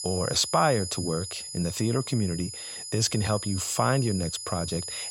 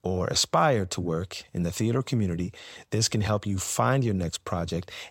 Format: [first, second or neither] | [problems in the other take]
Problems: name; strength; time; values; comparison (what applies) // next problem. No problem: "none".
second | high-pitched whine; loud; throughout; 5 kHz, 7 dB below the speech